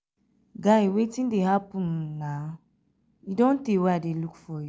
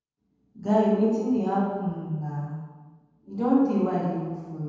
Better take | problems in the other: first | room echo; dies away in 1.2 s

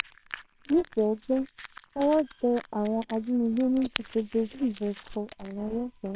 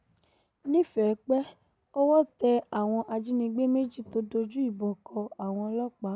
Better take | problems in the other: second | noise reduction (neural separator model SepFormer WHAMR!)

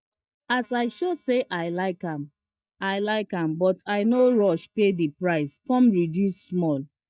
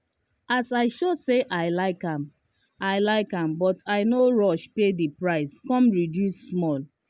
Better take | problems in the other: second | noise reduction (neural mask model DeepFilterNet 3)

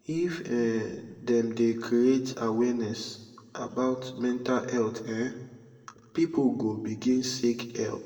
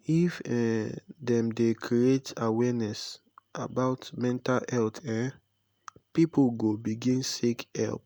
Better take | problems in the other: second | room echo; dies away in 1.2 s

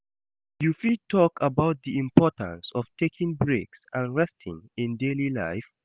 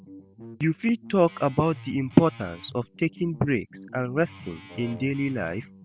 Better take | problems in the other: first | background sound (Wind instrument, woodwind instrument + Guitar); 19 dB below the speech

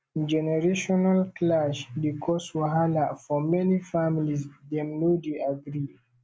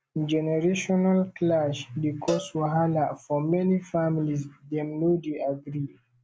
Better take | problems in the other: first | background sound (Cowbell); 15 dB below the speech

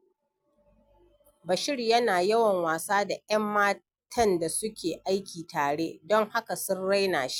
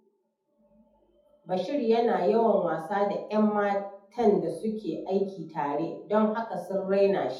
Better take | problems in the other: first | room echo; dies away in 0.6 s

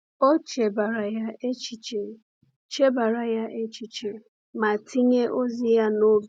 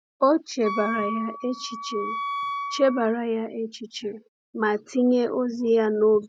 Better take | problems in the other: first | background sound (Wind instrument, woodwind instrument); 7 dB below the speech

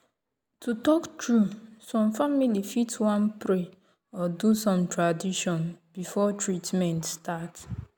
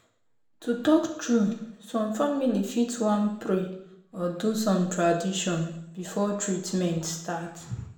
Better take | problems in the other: first | room echo; dies away in 0.7 s

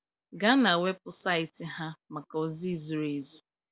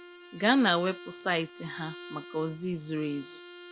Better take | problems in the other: first | background sound (Bowed string instrument); 16 dB below the speech

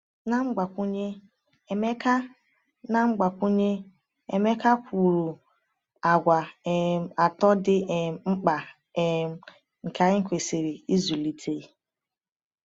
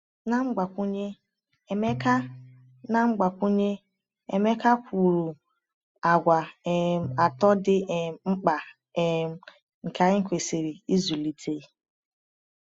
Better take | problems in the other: first | noise reduction (classical method spectral subtraction)

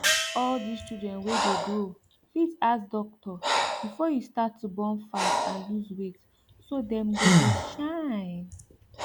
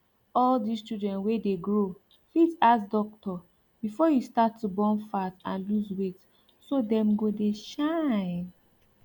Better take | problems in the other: second | background sound (Breathing + Gong); 1 dB above the speech

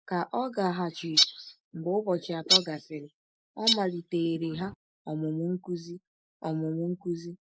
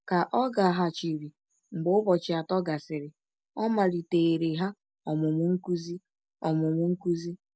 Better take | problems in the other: second | noise reduction (neural mask model Resemble Enhance denoiser)

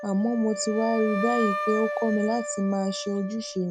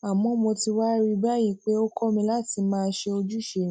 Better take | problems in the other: second | background sound (Wind instrument, woodwind instrument); 6 dB below the speech

